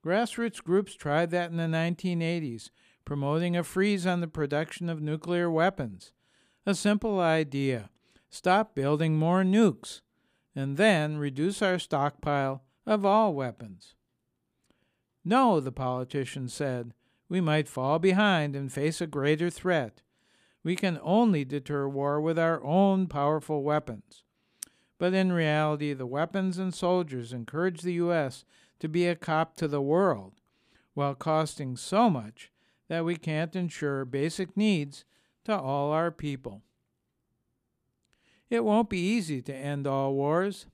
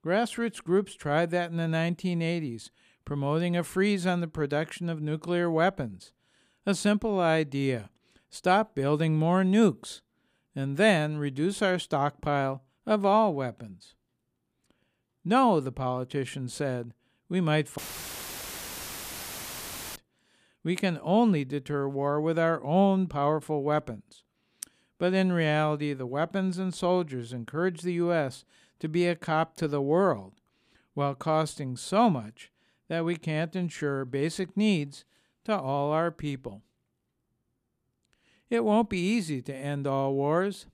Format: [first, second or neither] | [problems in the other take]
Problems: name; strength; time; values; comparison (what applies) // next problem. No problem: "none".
first | audio cutting out; filled with static; at 18 s for 2 s